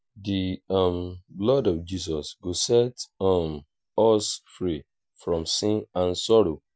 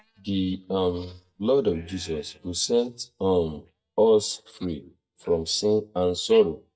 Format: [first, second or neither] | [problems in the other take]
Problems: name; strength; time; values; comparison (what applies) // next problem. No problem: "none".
first | noise reduction (neural mask model DeepFilterNet 3)